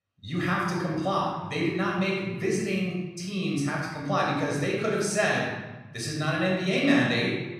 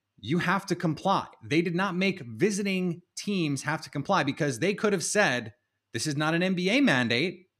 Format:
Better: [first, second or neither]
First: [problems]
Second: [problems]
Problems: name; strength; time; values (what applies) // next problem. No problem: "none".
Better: second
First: off-mic speech; far // room echo; noticeable; dies away in 1.2 s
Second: none